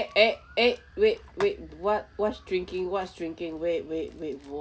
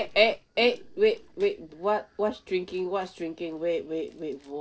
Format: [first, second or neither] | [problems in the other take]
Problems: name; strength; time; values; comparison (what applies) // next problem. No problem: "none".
first | noise reduction (neural separator model SepFormer DNS4)